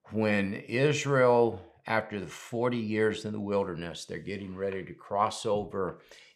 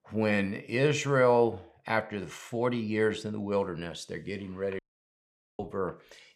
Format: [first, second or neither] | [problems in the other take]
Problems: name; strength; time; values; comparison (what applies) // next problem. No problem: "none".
first | audio cutting out; at 5 s for 1 s